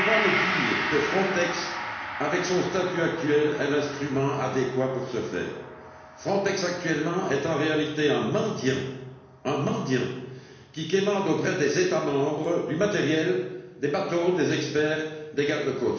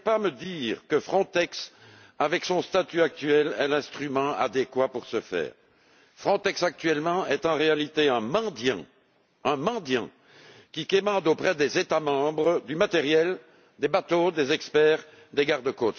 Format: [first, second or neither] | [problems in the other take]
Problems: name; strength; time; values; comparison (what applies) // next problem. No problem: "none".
second | background sound (Gong); 9 dB below the speech // room echo; dies away in 1.1 s